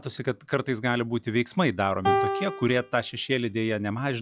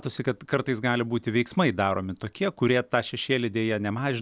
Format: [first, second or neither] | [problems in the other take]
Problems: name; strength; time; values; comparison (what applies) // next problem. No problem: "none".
second | noise reduction (classical method log-MMSE)